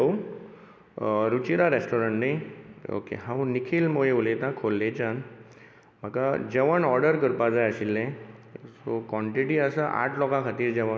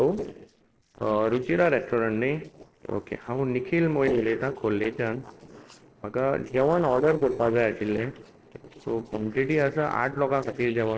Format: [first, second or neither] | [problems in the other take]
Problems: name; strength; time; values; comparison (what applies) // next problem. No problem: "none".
first | noise reduction (neural separator model SepFormer DNS4)